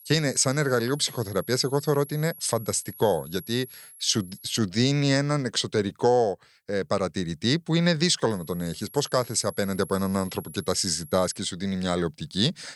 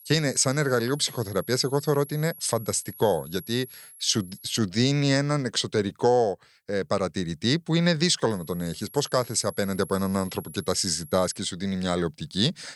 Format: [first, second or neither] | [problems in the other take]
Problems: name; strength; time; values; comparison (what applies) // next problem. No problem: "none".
neither | high-pitched whine; noticeable; until 4.5 s and from 8.5 to 11 s; 11.5 kHz, 20 dB below the speech; the same in both